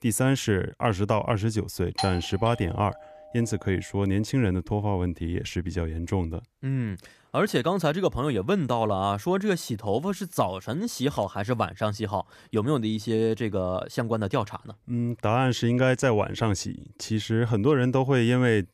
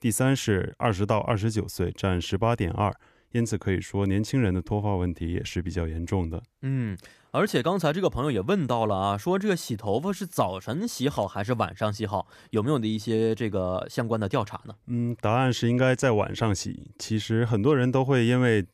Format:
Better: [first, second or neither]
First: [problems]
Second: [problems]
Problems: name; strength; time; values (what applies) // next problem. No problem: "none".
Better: second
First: doorbell; noticeable; at 2 s; peak 6 dB below the speech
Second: none